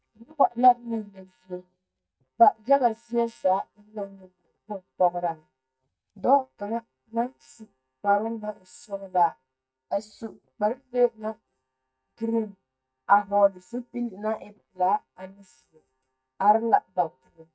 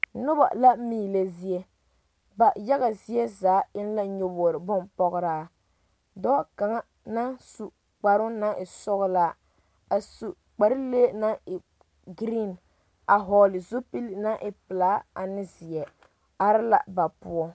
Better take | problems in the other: second | noise reduction (neural mask model DeepFilterNet 3)

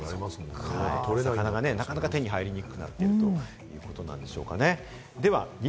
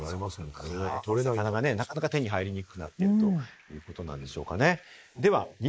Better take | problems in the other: first | noise reduction (neural mask model Resemble Enhance denoiser)

